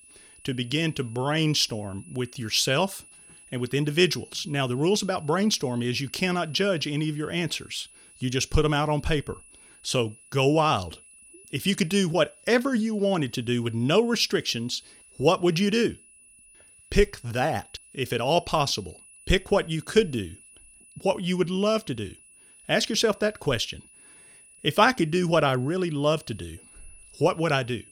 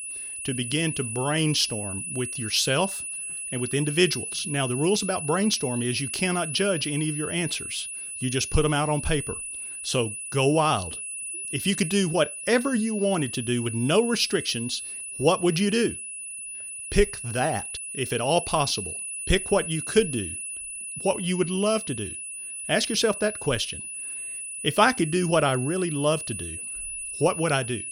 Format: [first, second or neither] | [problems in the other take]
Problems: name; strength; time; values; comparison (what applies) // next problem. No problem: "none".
first | high-pitched whine; loud; throughout; 10 kHz, 6 dB below the speech; faint in the first